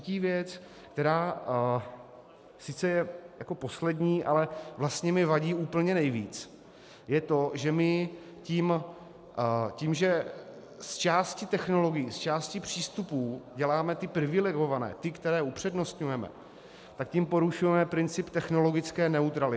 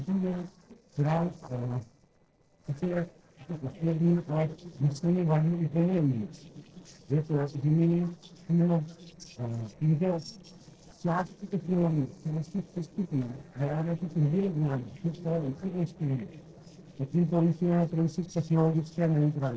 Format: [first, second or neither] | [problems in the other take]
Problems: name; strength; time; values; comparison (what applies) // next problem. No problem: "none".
first | noise reduction (neural separator model SepFormer DNS4)